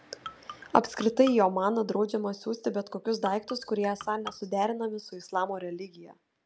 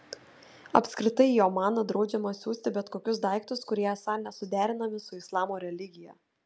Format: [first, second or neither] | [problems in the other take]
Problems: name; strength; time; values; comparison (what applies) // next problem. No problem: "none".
second | background sound (Marimba, xylophone); 15 dB below the speech